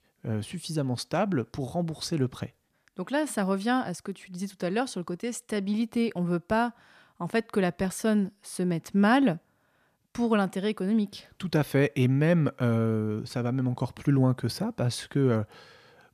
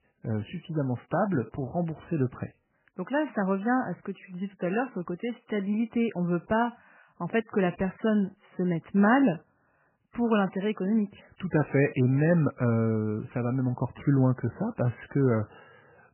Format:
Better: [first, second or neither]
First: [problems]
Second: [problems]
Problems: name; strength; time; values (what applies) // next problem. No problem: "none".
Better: first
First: none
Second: garbled, watery; badly; nothing above 3 kHz